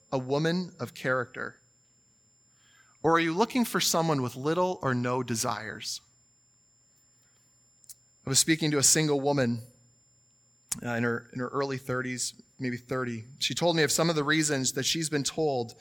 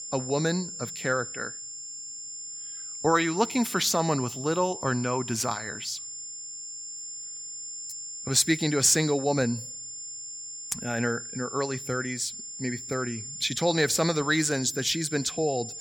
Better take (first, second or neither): first